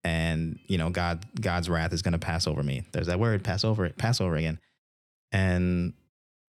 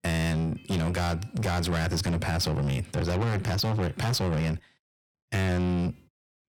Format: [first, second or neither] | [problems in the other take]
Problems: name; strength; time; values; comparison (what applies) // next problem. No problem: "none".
first | distortion; heavy; 8 dB below the speech